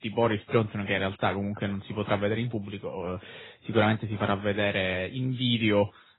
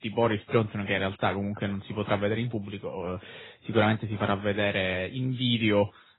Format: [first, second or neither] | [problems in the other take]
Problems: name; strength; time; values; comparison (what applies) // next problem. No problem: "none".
neither | garbled, watery; badly; nothing above 4 kHz; the same in both